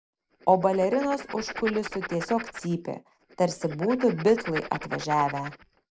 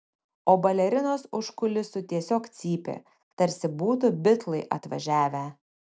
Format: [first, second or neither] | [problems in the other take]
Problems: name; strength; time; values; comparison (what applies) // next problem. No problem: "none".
second | background sound (Writing); 12 dB below the speech